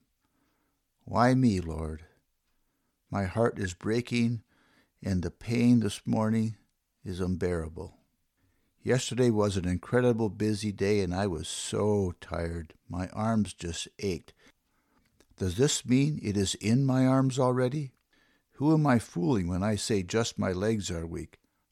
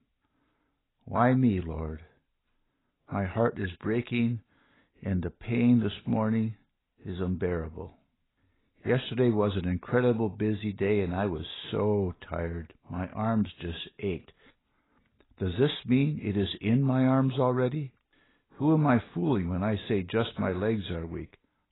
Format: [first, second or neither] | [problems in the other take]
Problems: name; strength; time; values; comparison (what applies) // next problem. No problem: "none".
first | garbled, watery; badly; nothing above 4 kHz